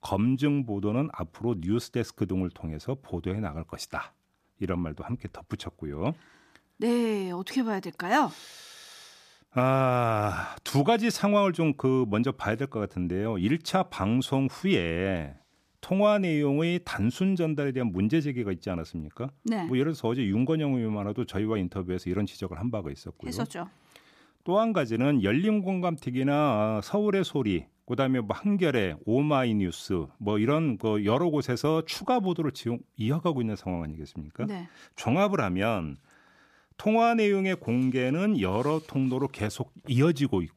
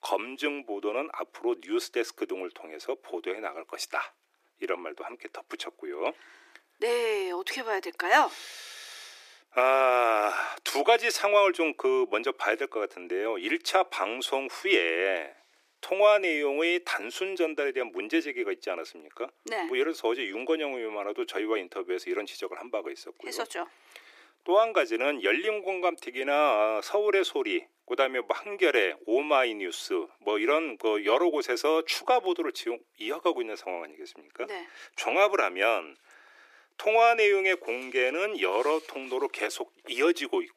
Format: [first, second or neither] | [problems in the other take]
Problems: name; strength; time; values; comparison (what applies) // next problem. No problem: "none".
first | thin; very; fading below 350 Hz